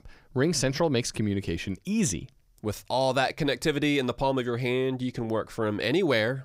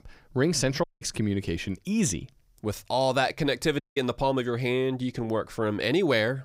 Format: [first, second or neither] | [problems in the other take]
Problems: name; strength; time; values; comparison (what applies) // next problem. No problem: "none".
first | audio cutting out; at 1 s and at 4 s